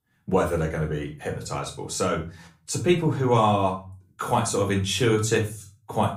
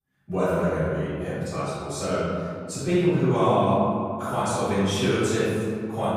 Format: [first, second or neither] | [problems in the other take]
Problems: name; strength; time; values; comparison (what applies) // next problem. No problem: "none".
first | room echo; strong; dies away in 2.3 s; slight in the first // off-mic speech; far; somewhat distant in the first